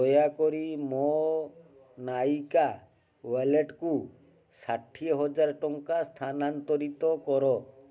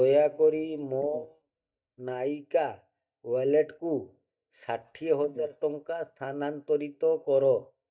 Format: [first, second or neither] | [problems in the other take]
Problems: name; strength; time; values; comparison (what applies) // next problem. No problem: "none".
first | noise reduction (neural mask model DeepFilterNet 3)